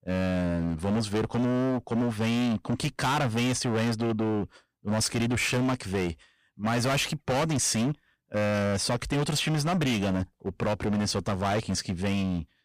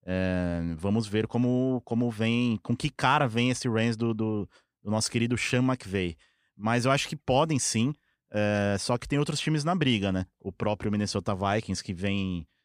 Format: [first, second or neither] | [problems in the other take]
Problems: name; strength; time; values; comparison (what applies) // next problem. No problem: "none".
second | distortion; heavy; 24% of the sound clipped